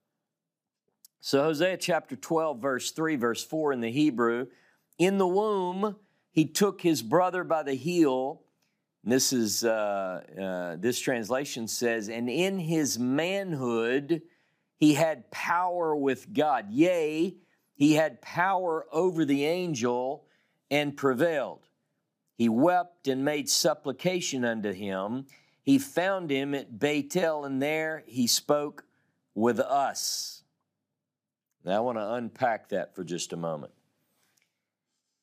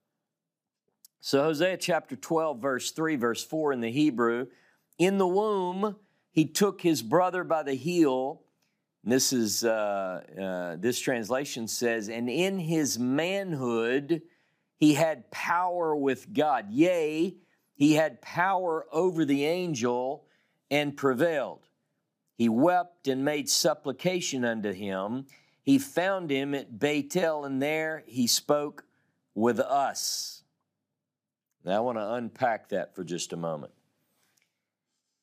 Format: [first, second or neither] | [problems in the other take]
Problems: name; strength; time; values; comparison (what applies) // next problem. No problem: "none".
neither | none